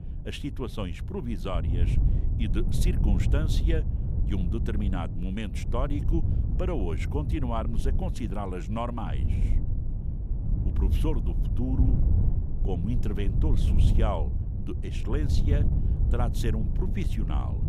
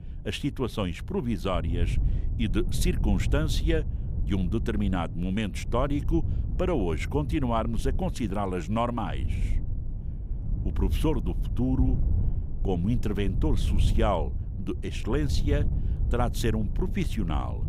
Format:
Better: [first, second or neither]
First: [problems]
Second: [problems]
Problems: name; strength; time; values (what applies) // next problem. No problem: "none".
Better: second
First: wind noise on the microphone; heavy; 6 dB below the speech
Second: wind noise on the microphone; occasional gusts; 15 dB below the speech